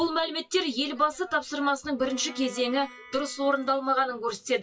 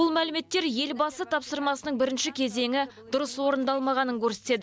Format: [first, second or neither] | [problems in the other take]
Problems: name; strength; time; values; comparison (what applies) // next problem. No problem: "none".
second | noise reduction (classical method WPE with log-MMSE)